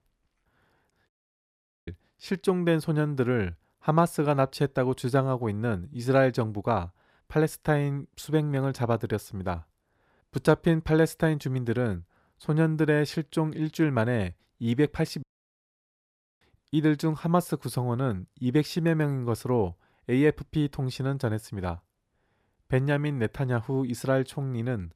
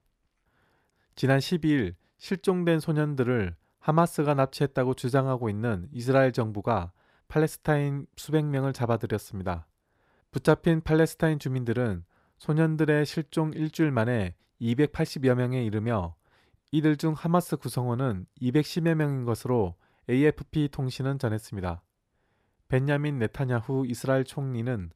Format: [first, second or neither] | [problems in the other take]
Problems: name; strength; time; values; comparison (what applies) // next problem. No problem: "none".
second | audio cutting out; at 1 s for 1 s and at 15 s for 1 s